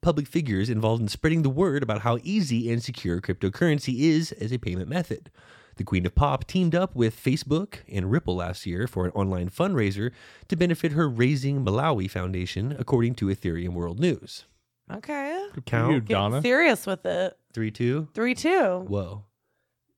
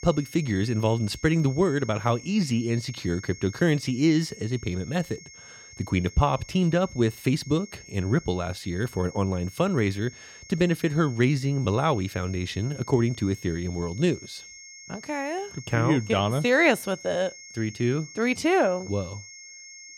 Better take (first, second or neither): first